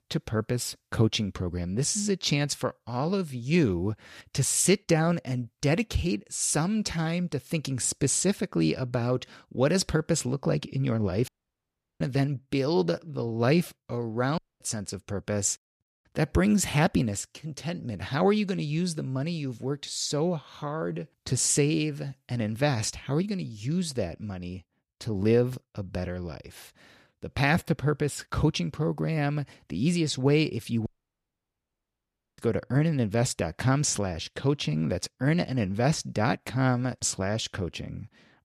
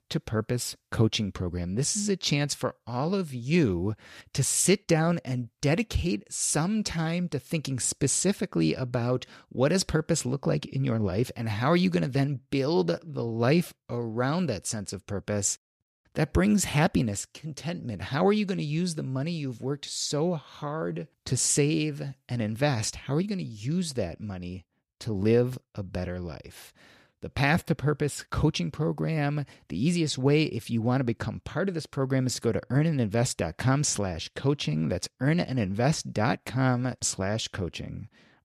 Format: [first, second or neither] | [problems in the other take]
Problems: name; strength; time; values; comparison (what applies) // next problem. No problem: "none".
second | audio cutting out; at 11 s for 0.5 s, at 14 s and at 31 s for 1.5 s